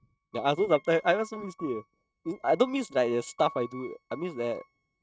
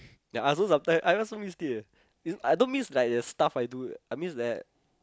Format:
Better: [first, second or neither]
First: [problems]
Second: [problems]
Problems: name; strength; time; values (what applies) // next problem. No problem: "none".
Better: second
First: noise reduction (neural mask model RNNoise)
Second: none